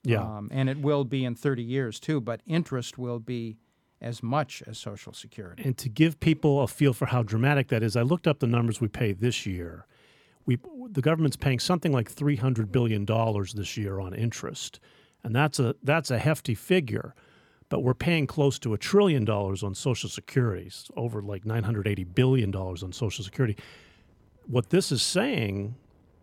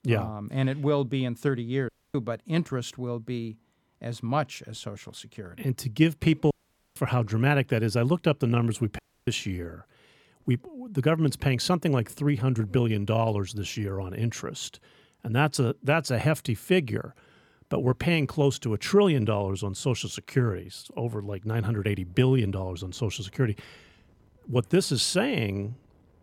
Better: first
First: none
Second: audio cutting out; at 2 s, at 6.5 s and at 9 s

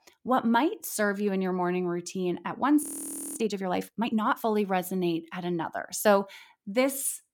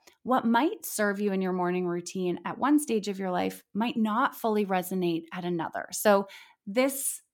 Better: second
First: audio freezing; at 3 s for 0.5 s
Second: none

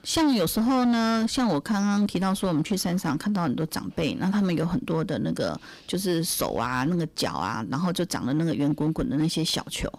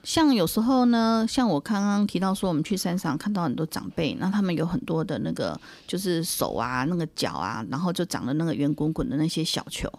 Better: second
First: distortion; slight; 10% of the sound clipped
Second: none

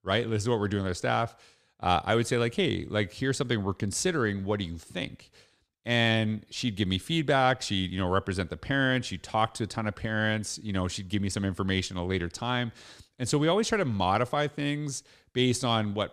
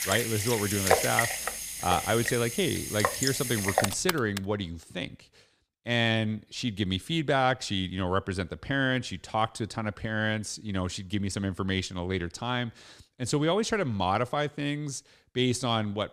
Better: first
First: none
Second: household noises; very loud; until 4 s; as loud as the speech

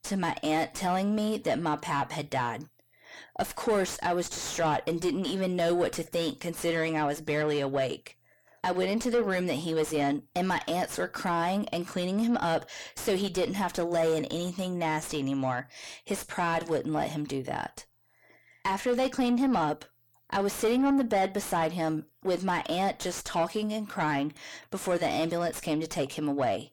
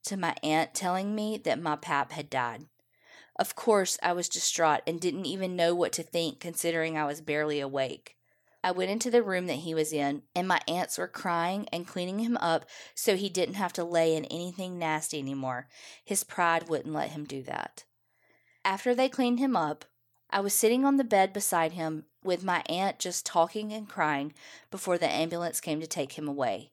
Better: second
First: distortion; heavy; 6 dB below the speech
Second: none

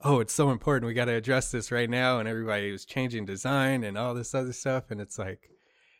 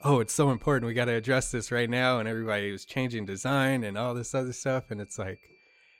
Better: first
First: none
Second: high-pitched whine; faint; throughout; 2.5 kHz, 30 dB below the speech

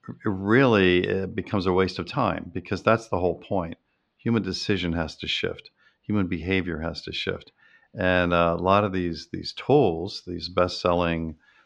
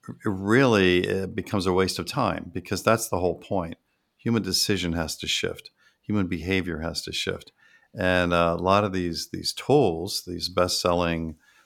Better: second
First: muffled; very slightly; fading above 4 kHz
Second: none

